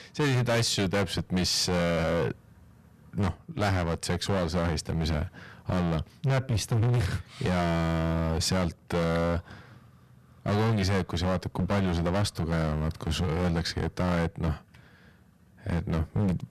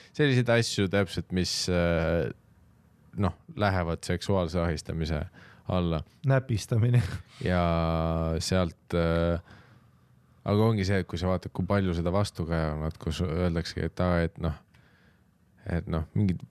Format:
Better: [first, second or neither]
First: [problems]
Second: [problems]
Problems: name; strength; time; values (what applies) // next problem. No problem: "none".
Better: second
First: distortion; heavy; 18% of the sound clipped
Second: none